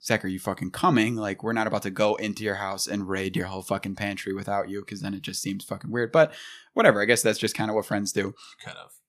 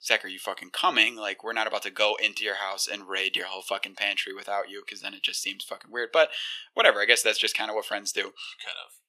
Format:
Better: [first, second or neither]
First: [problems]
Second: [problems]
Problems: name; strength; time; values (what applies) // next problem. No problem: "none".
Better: first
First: none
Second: thin; very; fading below 450 Hz